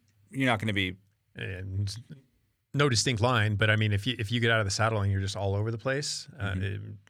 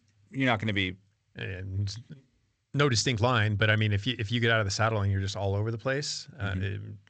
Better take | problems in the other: first | garbled, watery; slightly; nothing above 7.5 kHz

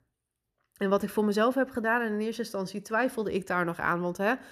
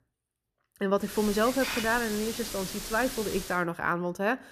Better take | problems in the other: first | hiss; very faint; from 1 to 3.5 s; 7 dB below the speech

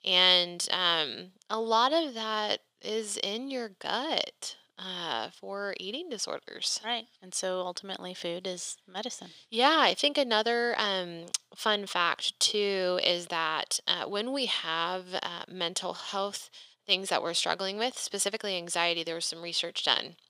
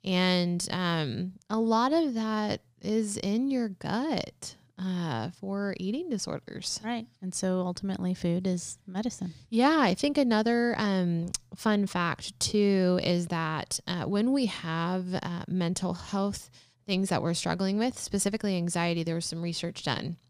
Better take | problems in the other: second | thin; very; fading below 550 Hz

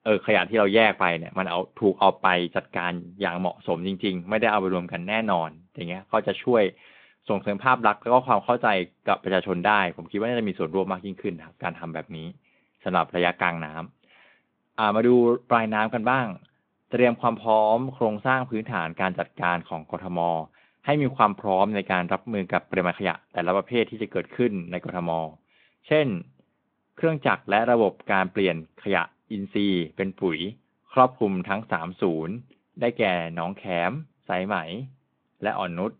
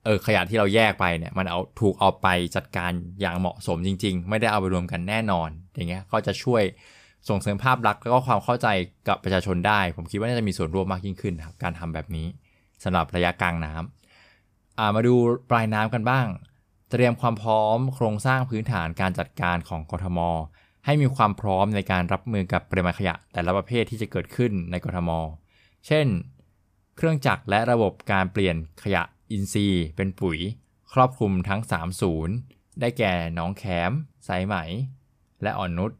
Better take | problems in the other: second | phone-call audio; nothing above 3.5 kHz

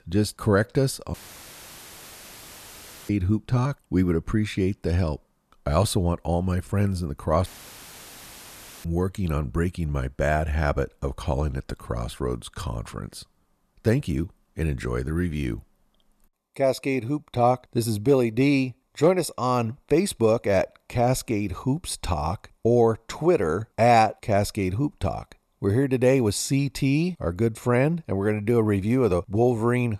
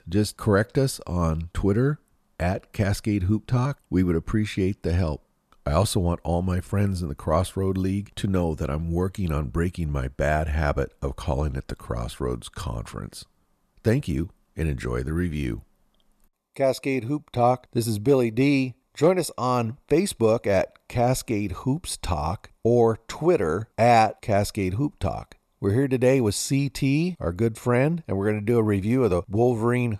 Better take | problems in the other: second | audio cutting out; filled with static; at 1 s for 2 s and at 7.5 s for 1.5 s

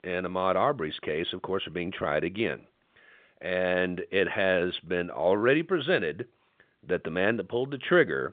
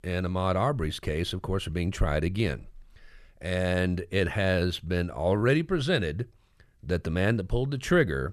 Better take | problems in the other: second | phone-call audio; nothing above 3.5 kHz

